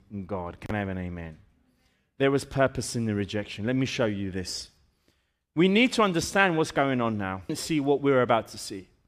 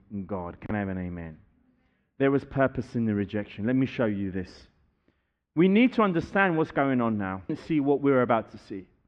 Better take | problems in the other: first | muffled; very; fading above 2 kHz

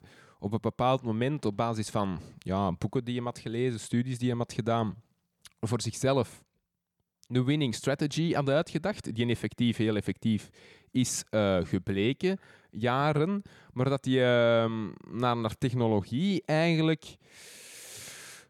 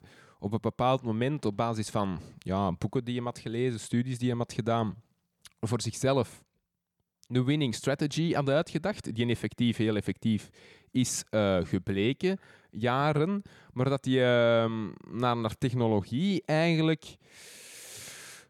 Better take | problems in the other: neither | none

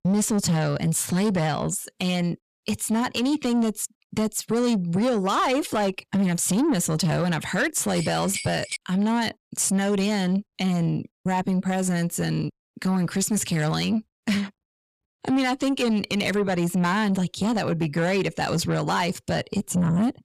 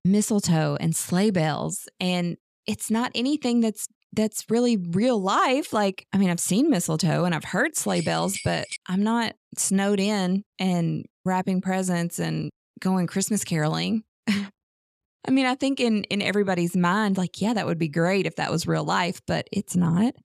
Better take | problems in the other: second | distortion; slight; 10 dB below the speech

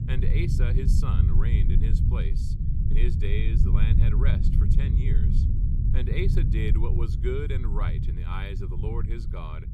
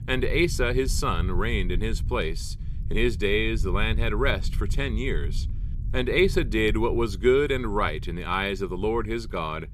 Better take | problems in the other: second | low rumble; loud; throughout; 2 dB below the speech; faint in the second

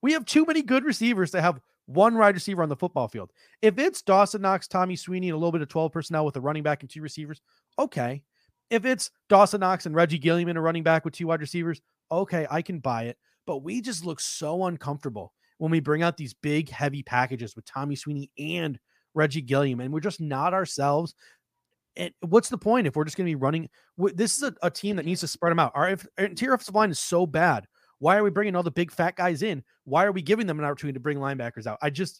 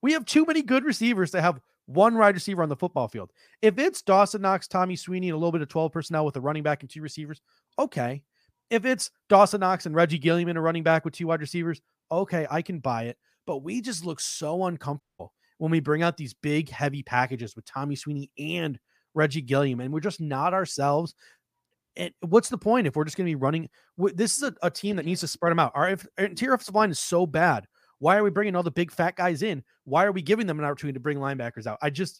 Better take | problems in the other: first | audio cutting out; at 15 s

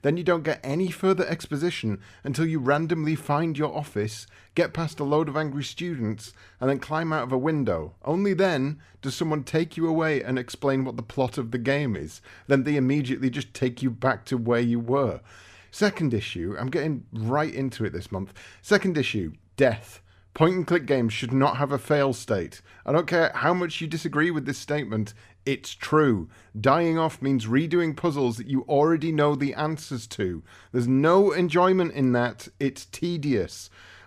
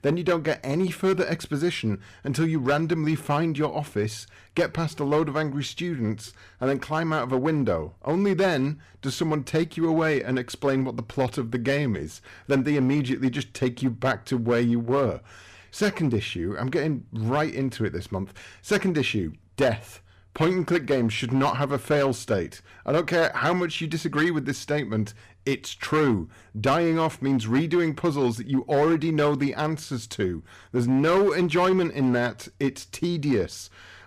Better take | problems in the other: first | distortion; slight; 5% of the sound clipped

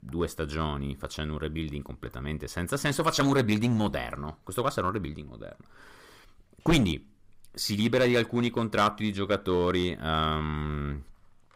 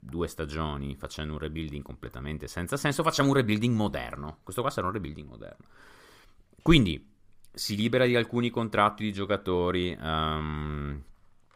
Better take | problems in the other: second | distortion; slight; 2% of the sound clipped

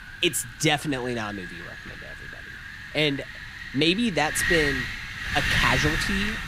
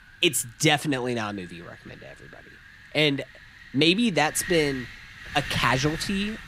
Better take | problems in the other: second | wind noise on the microphone; heavy; 2 dB below the speech; occasional gusts in the second

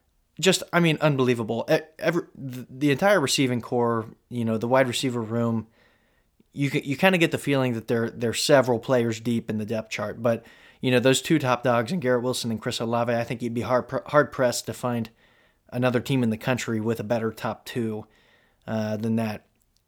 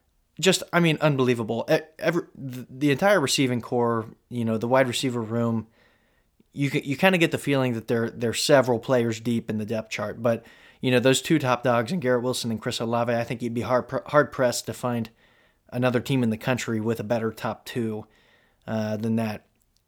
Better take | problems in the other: neither | none

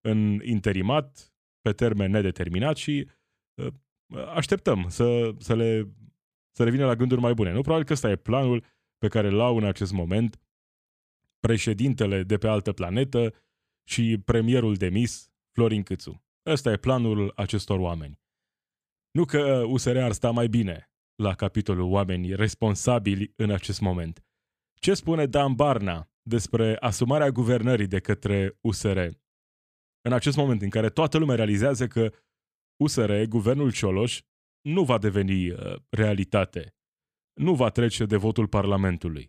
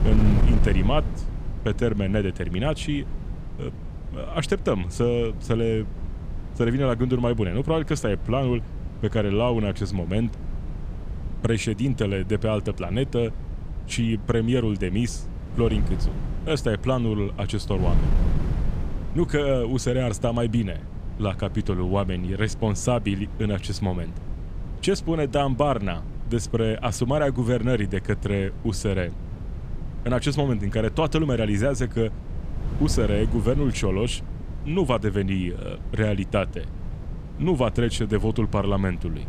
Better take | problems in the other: first | wind noise on the microphone; occasional gusts; 15 dB below the speech

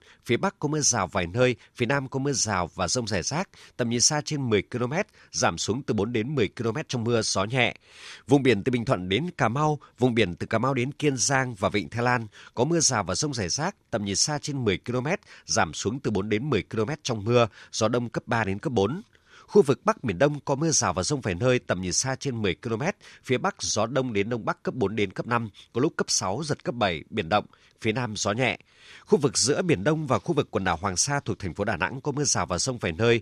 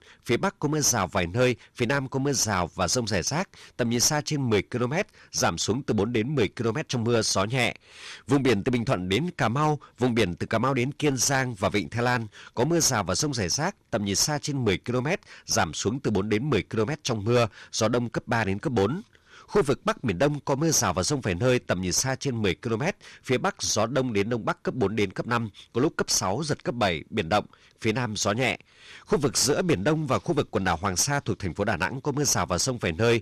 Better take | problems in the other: first | distortion; slight; 7% of the sound clipped

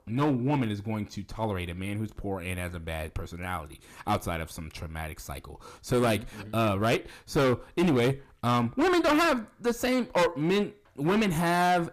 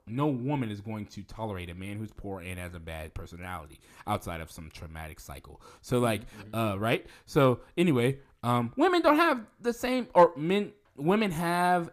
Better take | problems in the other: second | distortion; heavy; 9% of the sound clipped

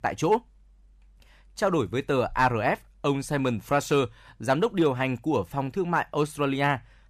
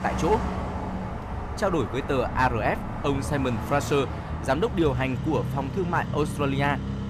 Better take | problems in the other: first | traffic noise; loud; throughout; 5 dB below the speech

